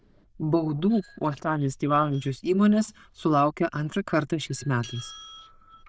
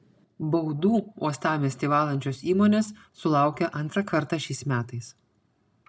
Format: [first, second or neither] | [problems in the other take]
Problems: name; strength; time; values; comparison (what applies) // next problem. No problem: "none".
second | noise reduction (neural diffusion model UNIVERSE++)